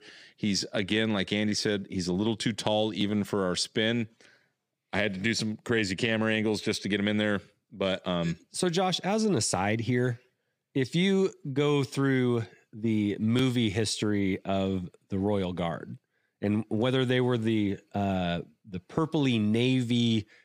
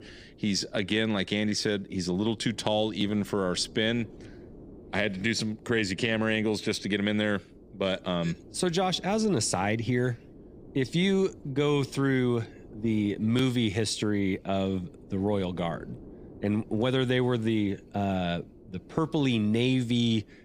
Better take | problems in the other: first | wind noise on the microphone; occasional gusts; 25 dB below the speech

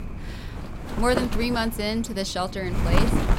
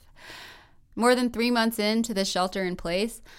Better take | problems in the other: second | wind noise on the microphone; heavy; 5 dB below the speech

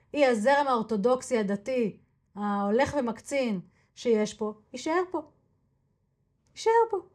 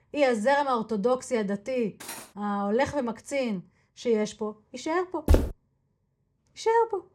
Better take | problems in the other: first | clattering dishes; faint; at 2 s; peak 10 dB below the speech // footsteps; loud; at 5.5 s; peak 3 dB above the speech

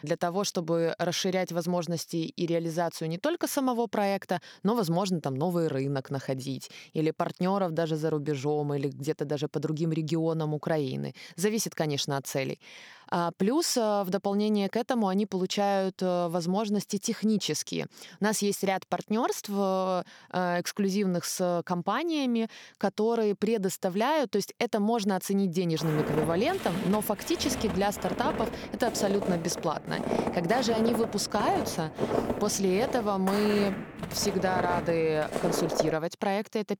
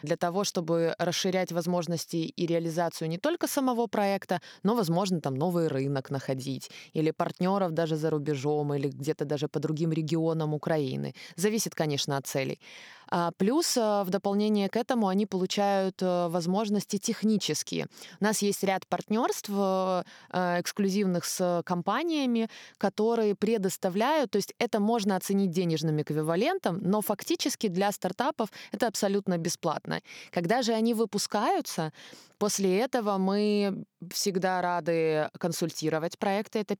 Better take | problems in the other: second | footsteps; noticeable; from 26 to 36 s; peak level with the speech

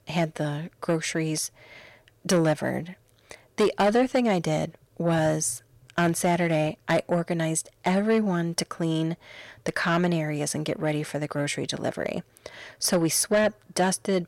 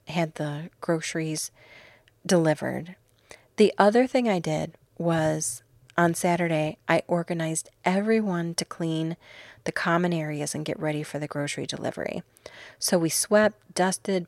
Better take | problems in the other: second | distortion; slight; 10 dB below the speech

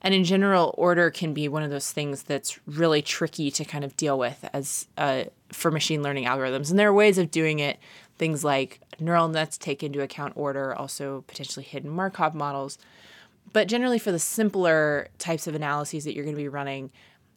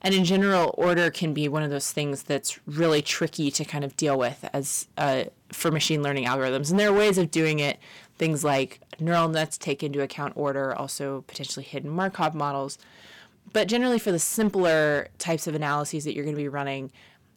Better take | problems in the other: first | distortion; slight; 5% of the sound clipped

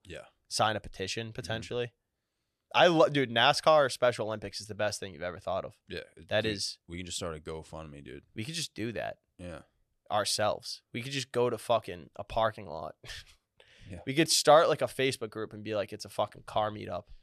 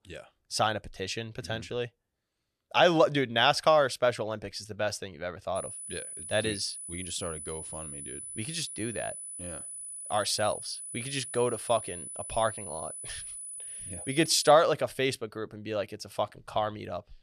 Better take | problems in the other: first | high-pitched whine; loud; from 5.5 to 15 s; 10 kHz, 9 dB below the speech

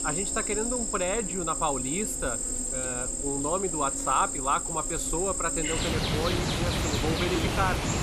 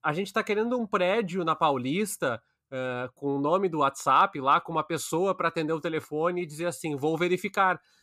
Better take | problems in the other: second | animal sounds; very loud; throughout; 2 dB above the speech

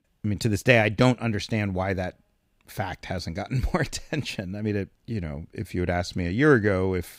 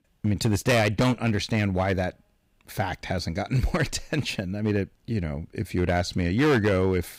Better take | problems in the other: first | distortion; heavy; 5% of the sound clipped

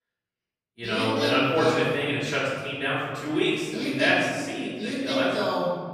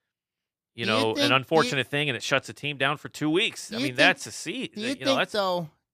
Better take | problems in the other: second | off-mic speech; far // room echo; strong; dies away in 1.5 s

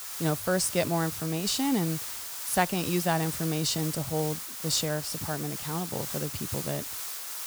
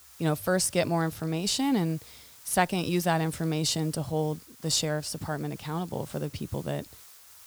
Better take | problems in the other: second | hiss; loud; throughout; 5 dB below the speech; faint in the second

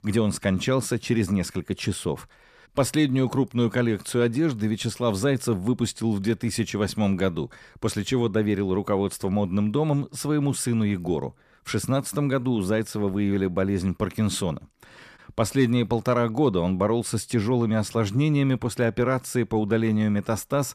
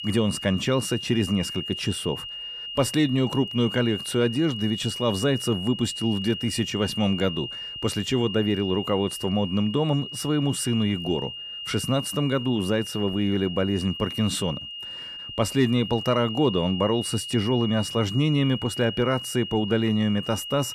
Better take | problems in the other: first | high-pitched whine; loud; throughout; 3 kHz, 8 dB below the speech

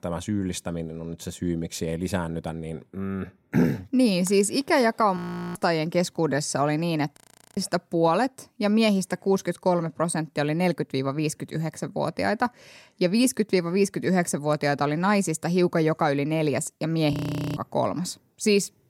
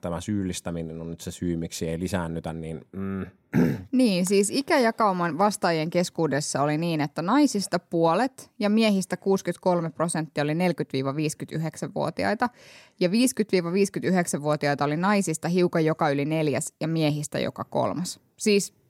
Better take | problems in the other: second | audio freezing; at 5 s, at 7 s and at 17 s

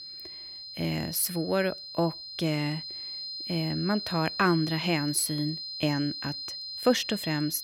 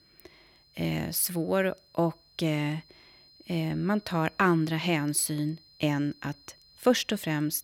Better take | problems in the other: second | high-pitched whine; loud; throughout; 4 kHz, 7 dB below the speech; faint in the second

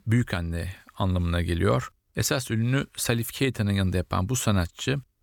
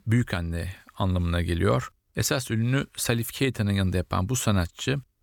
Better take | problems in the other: neither | none

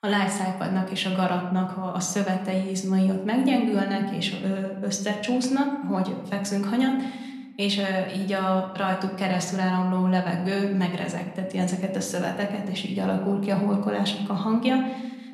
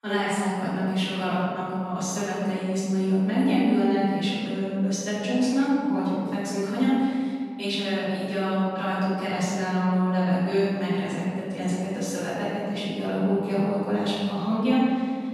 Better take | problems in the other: first | room echo; strong; dies away in 2 s; slight in the first // off-mic speech; far

